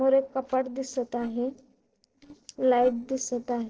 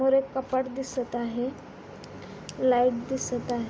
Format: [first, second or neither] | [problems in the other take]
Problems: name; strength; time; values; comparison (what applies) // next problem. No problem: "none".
second | noise reduction (neural separator model SepFormer DNS4)